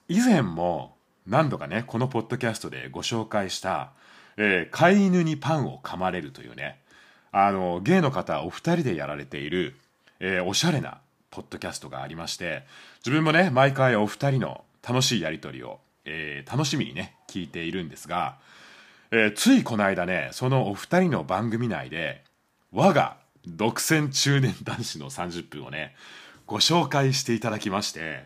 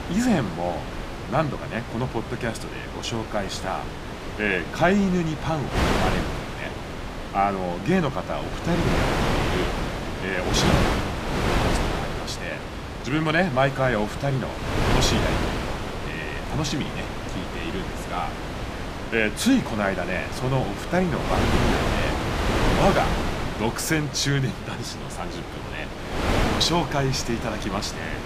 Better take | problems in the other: first | wind noise on the microphone; heavy; 2 dB below the speech

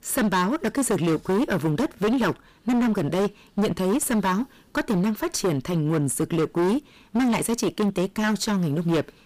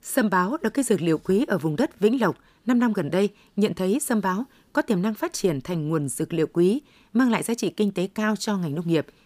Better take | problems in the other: second | distortion; heavy; 21% of the sound clipped

